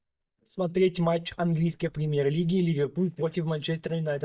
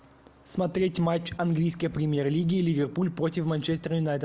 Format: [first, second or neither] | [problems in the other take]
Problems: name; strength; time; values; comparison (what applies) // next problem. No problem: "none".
second | noise reduction (neural mask model DeepFilterNet 3)